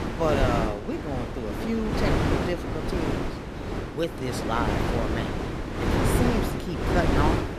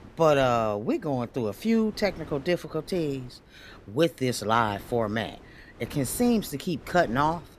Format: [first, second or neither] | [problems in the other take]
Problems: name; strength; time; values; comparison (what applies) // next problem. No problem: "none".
second | wind noise on the microphone; heavy; 1 dB above the speech; occasional gusts in the second